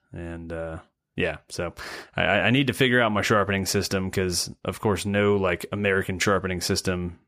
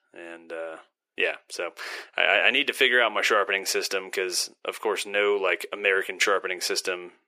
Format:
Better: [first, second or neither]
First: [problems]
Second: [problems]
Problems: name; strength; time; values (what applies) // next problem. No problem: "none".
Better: first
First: none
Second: thin; very; fading below 400 Hz